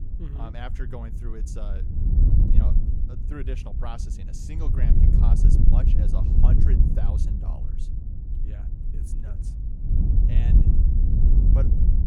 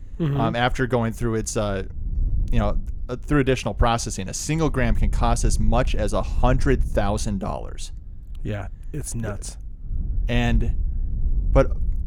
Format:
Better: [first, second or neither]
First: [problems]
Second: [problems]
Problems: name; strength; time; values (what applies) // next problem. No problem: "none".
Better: second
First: wind noise on the microphone; heavy; 3 dB above the speech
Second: wind noise on the microphone; occasional gusts; 25 dB below the speech